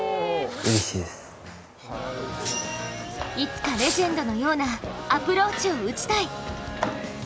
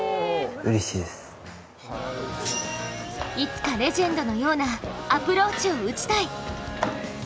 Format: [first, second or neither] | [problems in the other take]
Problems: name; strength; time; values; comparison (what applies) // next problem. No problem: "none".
second | background sound (Fireworks); 12 dB below the speech